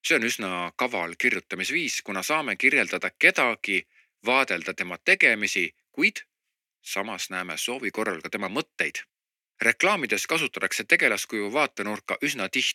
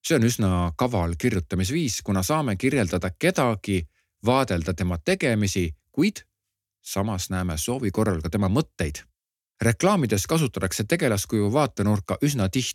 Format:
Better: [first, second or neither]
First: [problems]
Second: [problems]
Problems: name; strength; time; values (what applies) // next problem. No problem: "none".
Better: second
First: thin; somewhat; fading below 250 Hz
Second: none